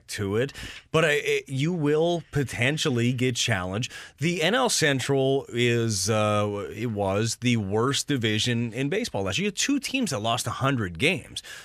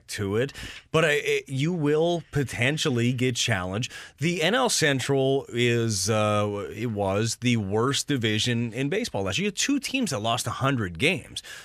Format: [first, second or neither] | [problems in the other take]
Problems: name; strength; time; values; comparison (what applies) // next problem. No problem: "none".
neither | none